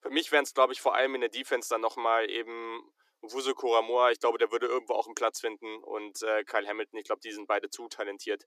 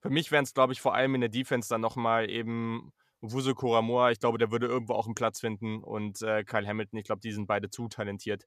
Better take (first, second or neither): second